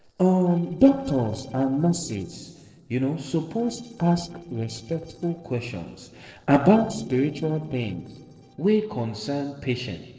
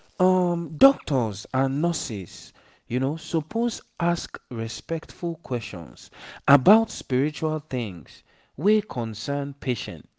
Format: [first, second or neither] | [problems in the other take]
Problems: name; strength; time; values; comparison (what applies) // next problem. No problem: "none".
second | noise reduction (neural separator model SepFormer DNS4)